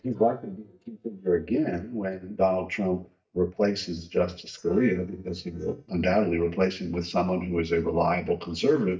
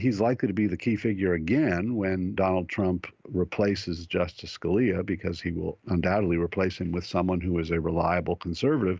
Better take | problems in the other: second | noise reduction (neural mask model DeepFilterNet 3)

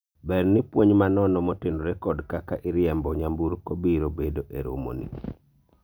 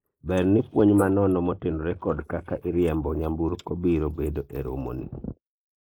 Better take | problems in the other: first | noise reduction (neural mask model Resemble Enhance denoiser)

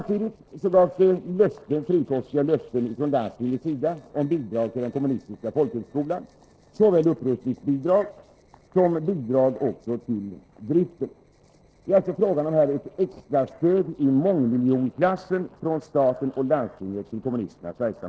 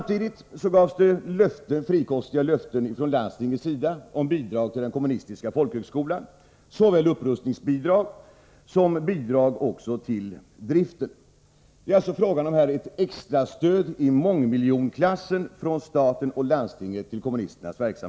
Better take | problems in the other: second | noise reduction (neural separator model SepFormer DNS4)

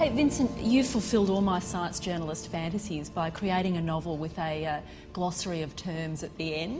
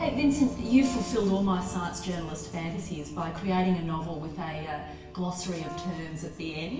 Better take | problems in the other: first | background sound (Brass instrument); 15 dB below the speech // room echo; dies away in 1 s

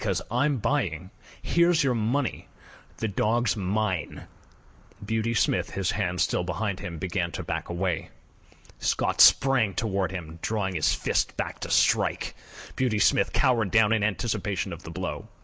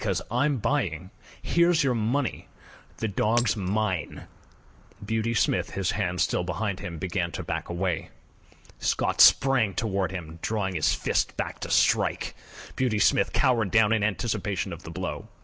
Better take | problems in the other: first | background sound (Shatter); 14 dB below the speech

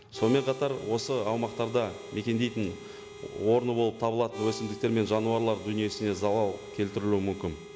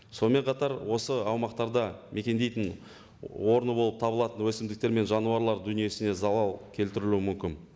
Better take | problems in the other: second | background sound (Harmonica); 14 dB below the speech

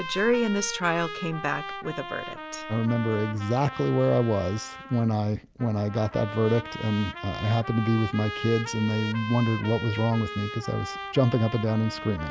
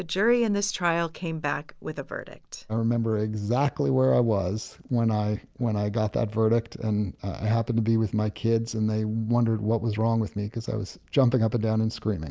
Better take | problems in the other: second | background sound (Trumpet); 11 dB below the speech

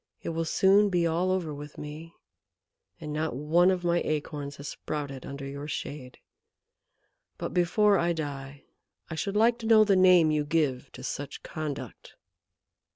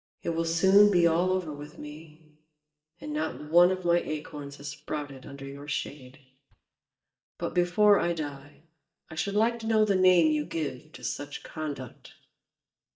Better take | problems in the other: first | noise reduction (neural mask model DeepFilterNet 3)

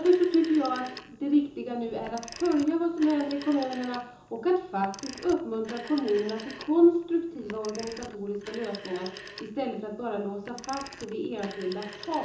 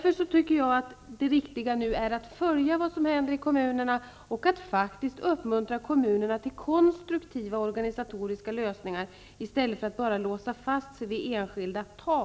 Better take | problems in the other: second | background sound (Telephone); 17 dB below the speech // room echo; dies away in 0.6 s

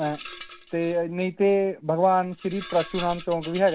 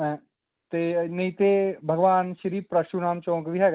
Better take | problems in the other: second | background sound (Rattle); 17 dB below the speech

